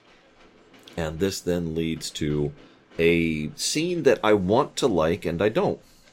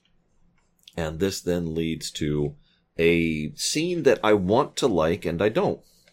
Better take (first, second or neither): second